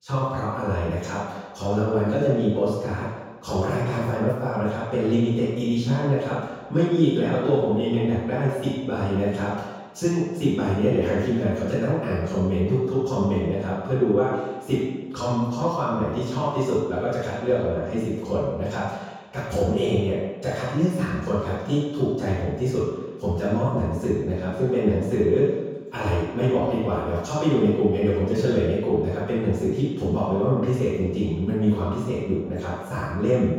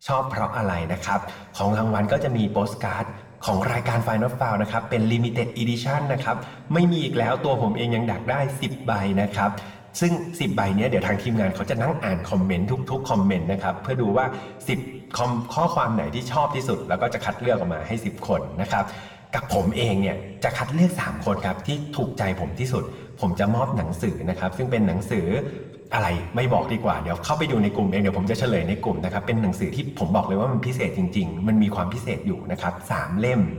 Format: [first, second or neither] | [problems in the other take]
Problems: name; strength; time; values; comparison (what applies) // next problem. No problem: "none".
second | room echo; strong; dies away in 1.2 s; slight in the second // off-mic speech; far